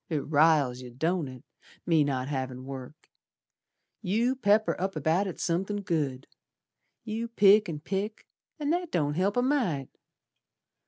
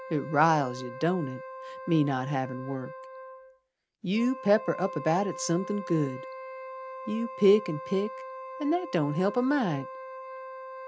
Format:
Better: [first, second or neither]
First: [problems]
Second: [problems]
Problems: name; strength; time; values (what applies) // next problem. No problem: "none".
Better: first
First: none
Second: background sound (Wind instrument, woodwind instrument); 12 dB below the speech